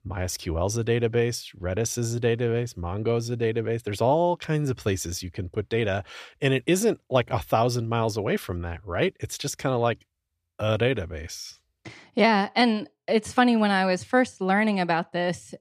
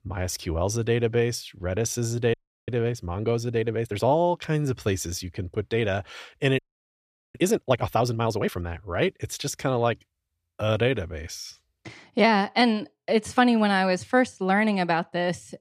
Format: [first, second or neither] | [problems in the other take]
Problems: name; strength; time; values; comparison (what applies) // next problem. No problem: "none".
first | audio freezing; at 2.5 s and at 6.5 s for 1 s